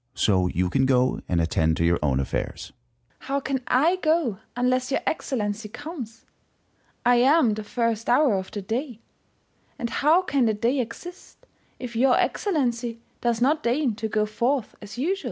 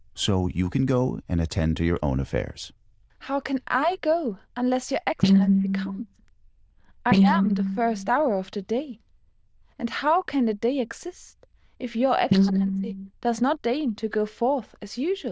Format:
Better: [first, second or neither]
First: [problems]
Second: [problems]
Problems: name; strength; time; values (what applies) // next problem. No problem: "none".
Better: first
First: none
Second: noise reduction (neural diffusion model UNIVERSE++)